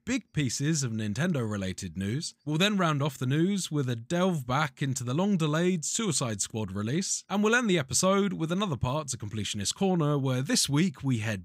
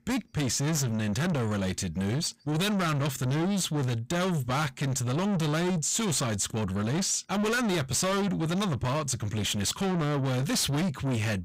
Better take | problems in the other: first | distortion; heavy; 6 dB below the speech

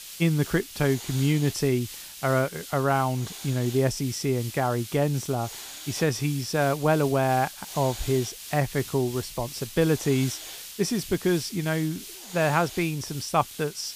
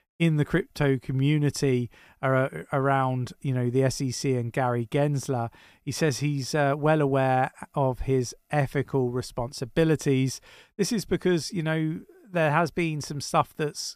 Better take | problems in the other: second | hiss; noticeable; throughout; 10 dB below the speech

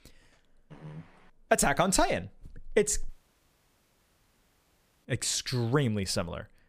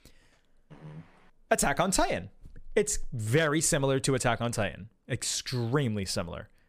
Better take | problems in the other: second | audio cutting out; at 3 s for 2 s

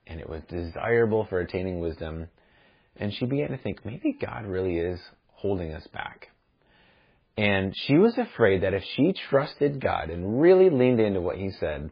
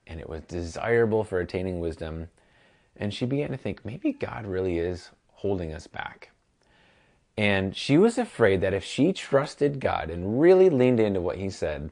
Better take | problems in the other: second | garbled, watery; badly; nothing above 5 kHz; slightly in the second

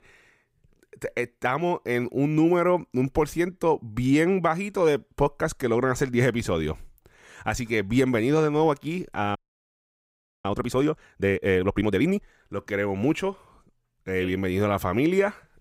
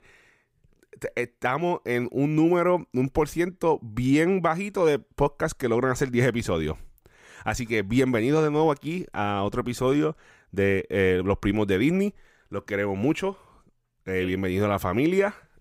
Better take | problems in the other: second | audio freezing; at 9.5 s for 1 s

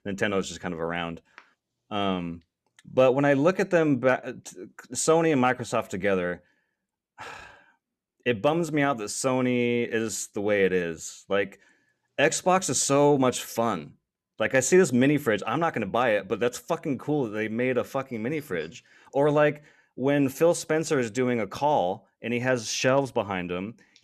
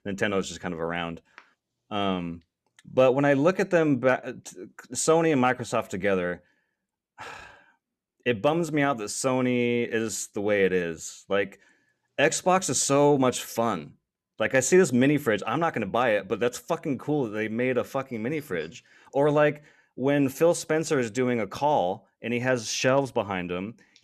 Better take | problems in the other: neither | none

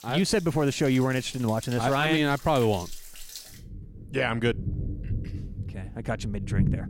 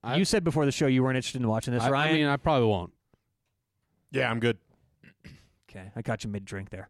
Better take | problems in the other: second | rain or running water; noticeable; throughout; 10 dB below the speech

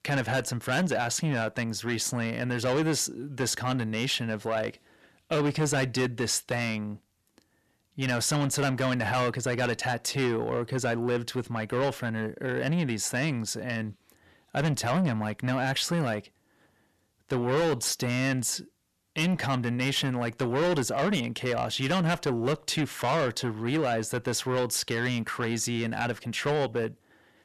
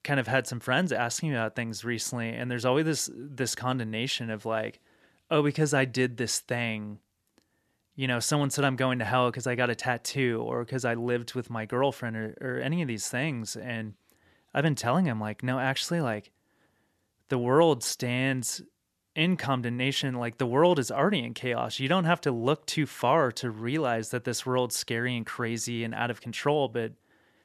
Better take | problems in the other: second | distortion; heavy; 7 dB below the speech

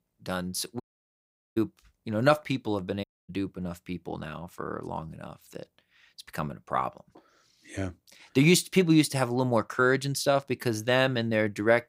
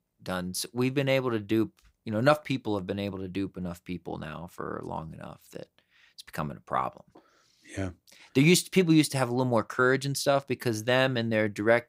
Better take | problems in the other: second | audio cutting out; at 1 s for 1 s and at 3 s

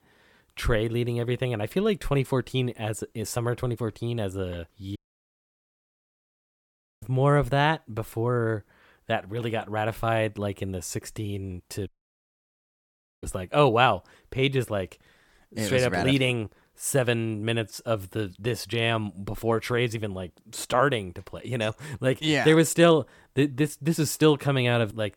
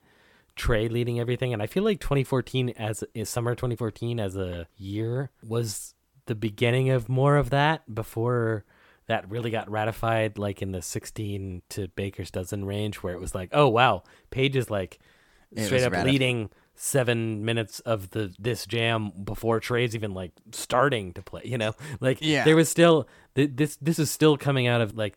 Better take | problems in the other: second | audio cutting out; at 5 s for 2 s and at 12 s for 1.5 s

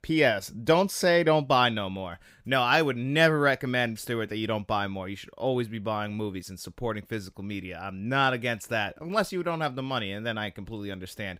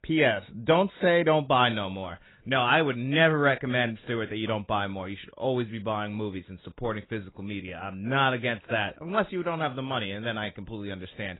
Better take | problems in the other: first | garbled, watery; badly; nothing above 4 kHz

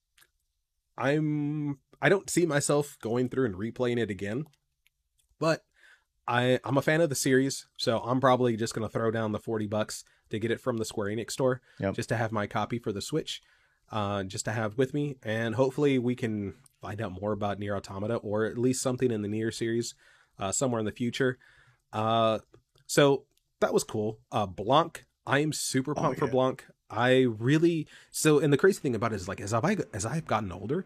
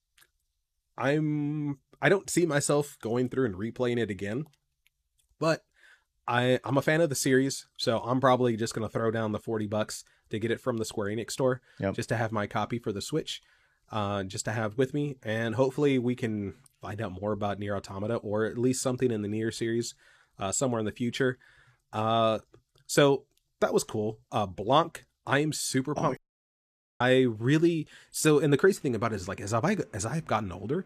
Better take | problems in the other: first | audio cutting out; at 26 s for 1 s

